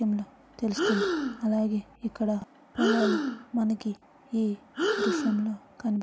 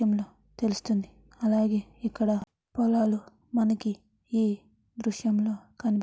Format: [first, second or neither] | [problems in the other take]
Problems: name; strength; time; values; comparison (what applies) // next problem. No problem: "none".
second | background sound (Breathing); 3 dB below the speech